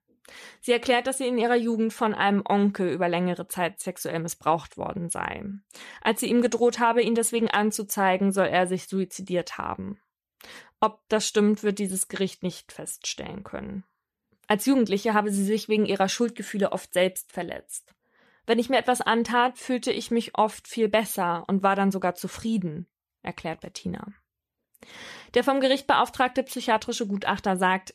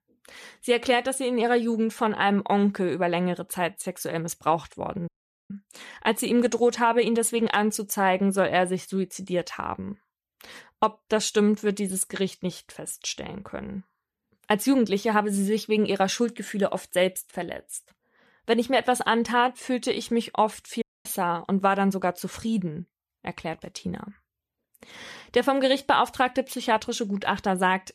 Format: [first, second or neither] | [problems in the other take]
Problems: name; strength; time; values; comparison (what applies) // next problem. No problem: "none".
first | audio cutting out; at 5 s and at 21 s